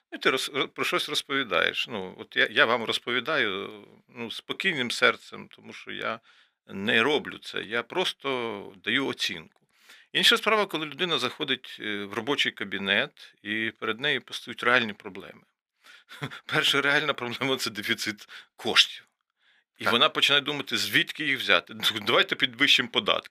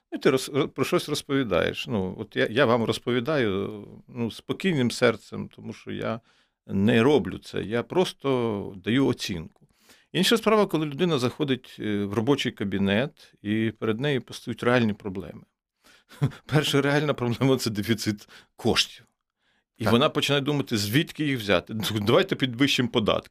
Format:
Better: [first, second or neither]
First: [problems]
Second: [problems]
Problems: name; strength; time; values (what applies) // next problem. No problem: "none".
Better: second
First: thin; somewhat; fading below 1 kHz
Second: none